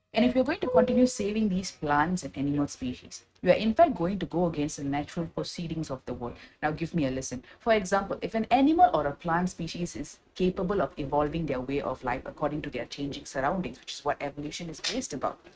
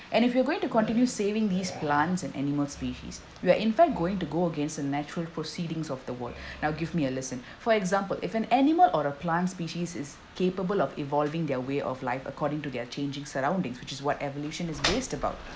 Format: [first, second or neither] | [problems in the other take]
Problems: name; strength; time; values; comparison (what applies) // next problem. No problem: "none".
second | noise reduction (neural mask model RNNoise)